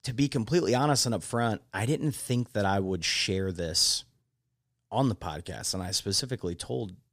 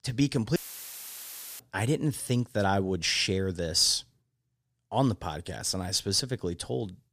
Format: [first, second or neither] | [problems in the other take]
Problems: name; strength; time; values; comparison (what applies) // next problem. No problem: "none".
first | audio cutting out; filled with static; at 0.5 s for 1 s